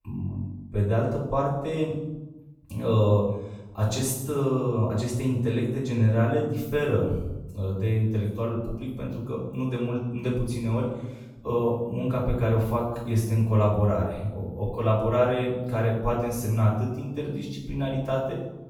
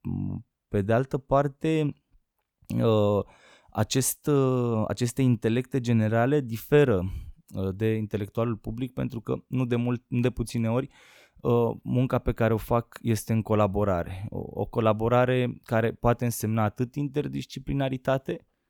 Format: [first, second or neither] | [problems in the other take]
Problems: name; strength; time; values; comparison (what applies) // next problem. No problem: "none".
second | off-mic speech; far // room echo; noticeable; dies away in 0.8 s